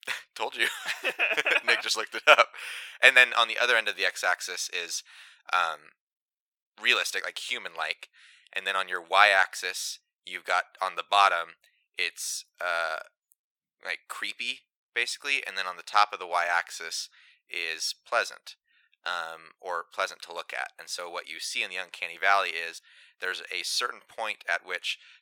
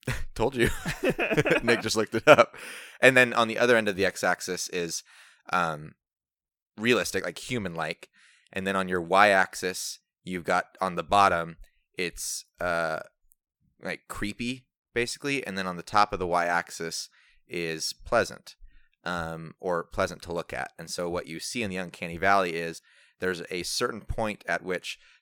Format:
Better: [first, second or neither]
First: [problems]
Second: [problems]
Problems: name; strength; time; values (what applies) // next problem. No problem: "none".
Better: second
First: thin; very; fading below 850 Hz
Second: none